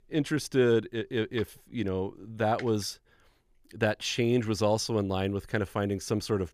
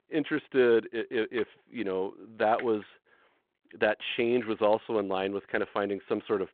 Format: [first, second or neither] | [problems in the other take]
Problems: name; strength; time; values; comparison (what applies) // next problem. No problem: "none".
first | phone-call audio